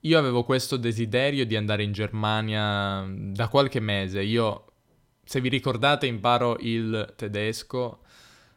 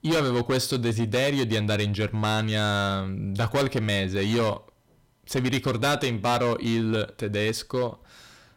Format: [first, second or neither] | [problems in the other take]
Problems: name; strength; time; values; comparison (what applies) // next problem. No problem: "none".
first | distortion; heavy; 13% of the sound clipped